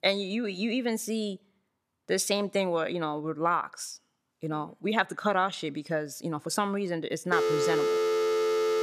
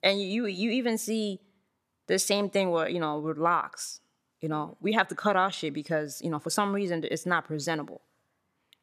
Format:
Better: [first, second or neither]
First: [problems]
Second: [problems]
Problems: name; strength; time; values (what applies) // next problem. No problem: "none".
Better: second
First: phone ringing; loud; from 7.5 s on; peak 4 dB above the speech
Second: none